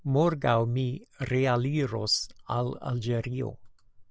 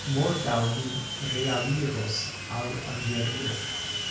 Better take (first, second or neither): first